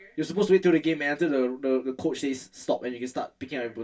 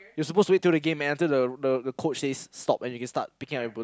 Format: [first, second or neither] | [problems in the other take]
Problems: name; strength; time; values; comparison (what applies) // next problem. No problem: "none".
second | room echo; dies away in 0.1 s